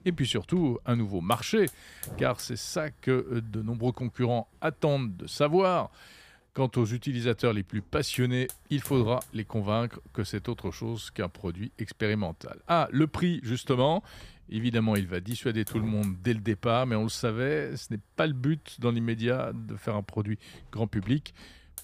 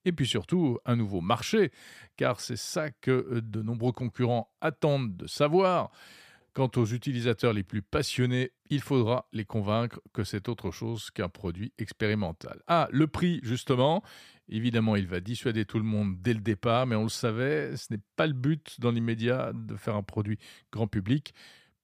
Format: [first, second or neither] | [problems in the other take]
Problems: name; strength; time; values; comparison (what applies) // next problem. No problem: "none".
second | hiss; noticeable; throughout; 20 dB below the speech